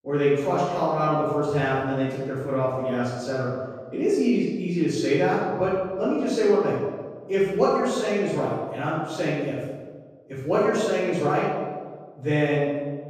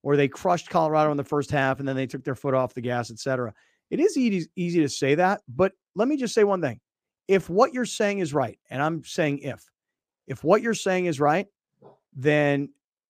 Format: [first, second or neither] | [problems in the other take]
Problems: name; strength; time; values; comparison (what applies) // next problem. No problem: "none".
second | room echo; strong; dies away in 1.3 s // off-mic speech; far